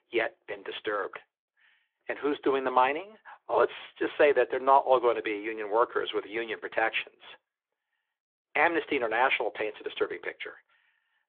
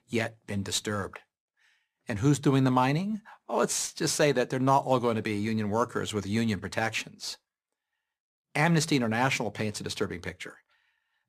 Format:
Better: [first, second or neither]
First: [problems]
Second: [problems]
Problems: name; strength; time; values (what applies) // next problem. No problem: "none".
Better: second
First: phone-call audio; nothing above 3.5 kHz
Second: none